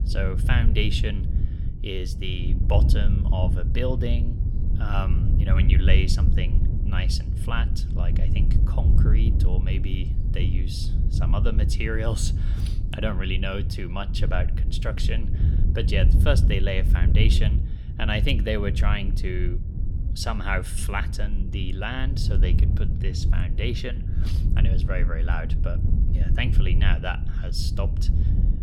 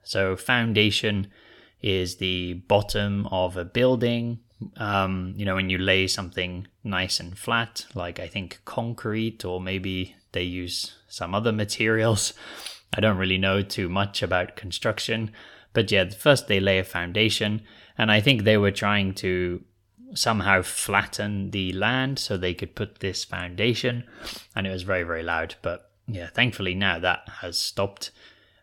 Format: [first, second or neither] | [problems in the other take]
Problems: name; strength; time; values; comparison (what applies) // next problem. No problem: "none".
second | wind noise on the microphone; heavy; 8 dB below the speech